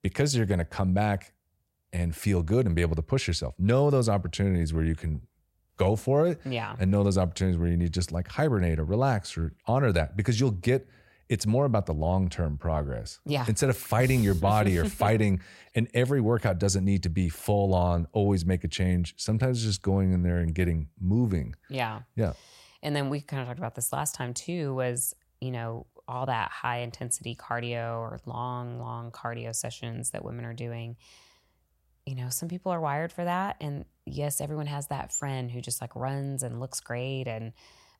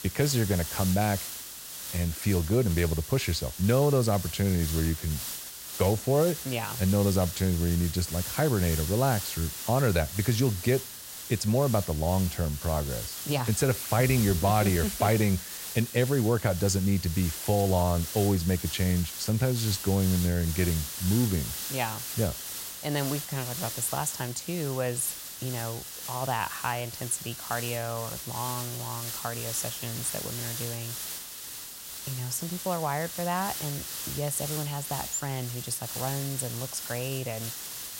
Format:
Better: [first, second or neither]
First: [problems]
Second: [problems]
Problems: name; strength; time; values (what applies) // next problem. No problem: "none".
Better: first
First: none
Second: hiss; loud; throughout; 7 dB below the speech